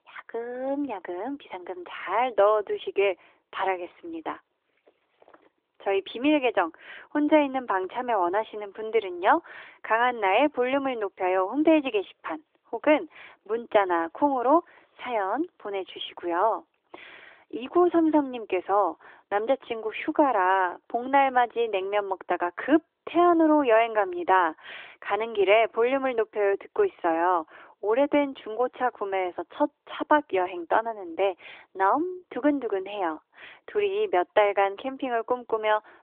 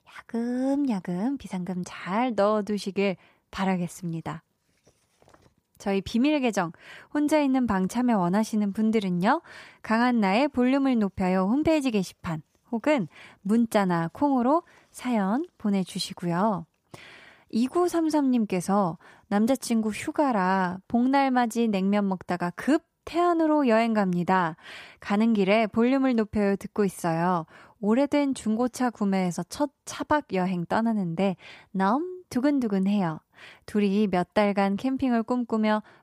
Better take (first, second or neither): second